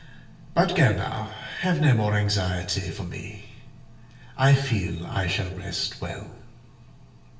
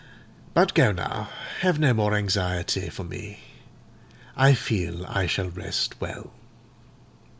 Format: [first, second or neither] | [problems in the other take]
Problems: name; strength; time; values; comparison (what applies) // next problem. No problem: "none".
second | room echo; dies away in 0.8 s